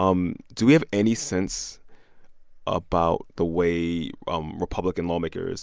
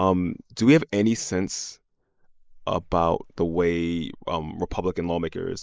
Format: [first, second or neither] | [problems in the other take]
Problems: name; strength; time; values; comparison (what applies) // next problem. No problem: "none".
first | noise reduction (neural mask model Resemble Enhance denoiser)